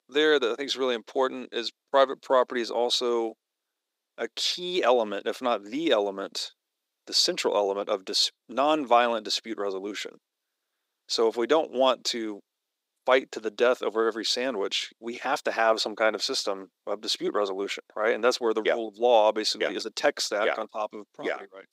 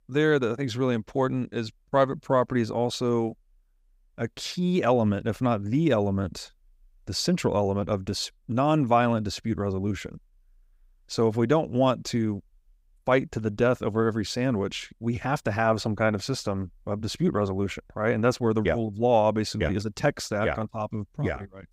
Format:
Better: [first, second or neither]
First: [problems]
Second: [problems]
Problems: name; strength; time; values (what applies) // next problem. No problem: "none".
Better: second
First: thin; somewhat; fading below 350 Hz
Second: none